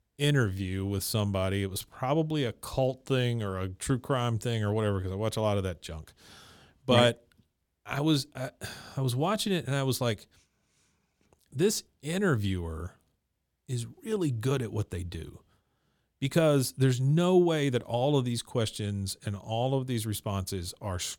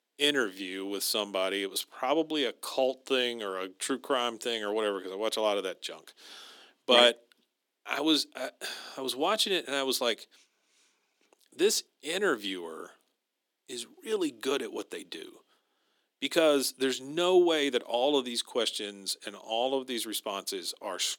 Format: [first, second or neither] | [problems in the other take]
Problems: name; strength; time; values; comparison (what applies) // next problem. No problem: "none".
first | thin; somewhat; fading below 300 Hz